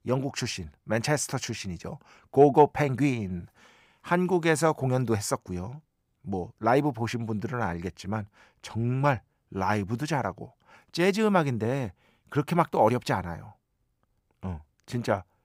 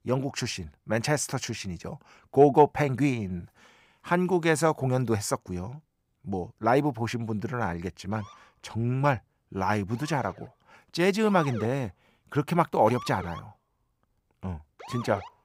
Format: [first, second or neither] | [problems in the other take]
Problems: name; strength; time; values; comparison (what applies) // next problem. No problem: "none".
first | siren; faint; from 8 s on; peak 10 dB below the speech